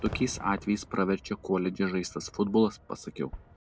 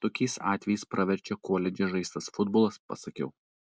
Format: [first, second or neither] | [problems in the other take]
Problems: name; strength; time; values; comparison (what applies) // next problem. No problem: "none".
second | background sound (Fireworks); 16 dB below the speech